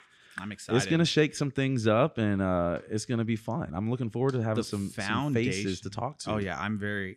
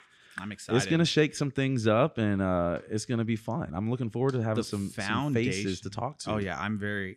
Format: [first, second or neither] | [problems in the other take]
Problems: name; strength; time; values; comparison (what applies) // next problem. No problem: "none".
neither | none